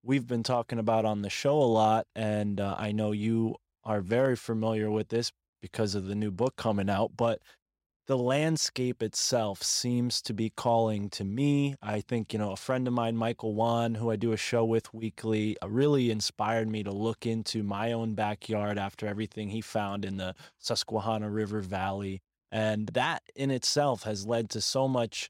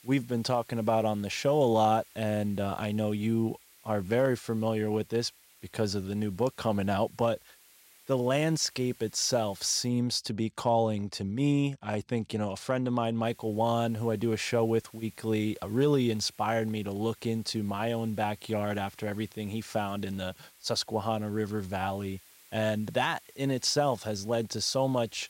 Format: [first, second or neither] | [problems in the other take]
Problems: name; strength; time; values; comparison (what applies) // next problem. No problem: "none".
first | hiss; faint; until 10 s and from 13 s on; 25 dB below the speech